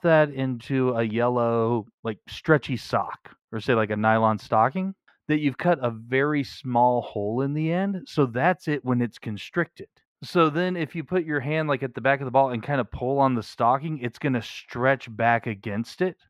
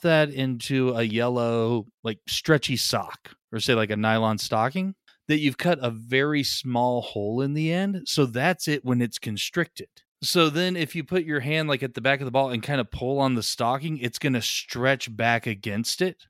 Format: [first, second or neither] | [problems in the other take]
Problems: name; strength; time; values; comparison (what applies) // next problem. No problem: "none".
second | muffled; very; fading above 3 kHz